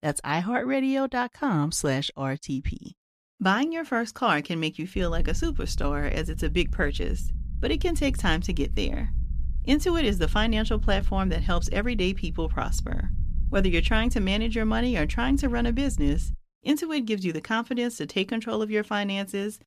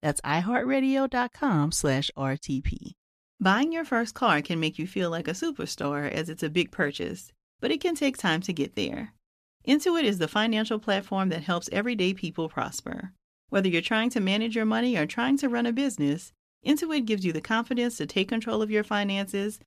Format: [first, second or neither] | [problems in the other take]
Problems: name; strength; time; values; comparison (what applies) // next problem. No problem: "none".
second | low rumble; faint; from 5 to 16 s; 25 dB below the speech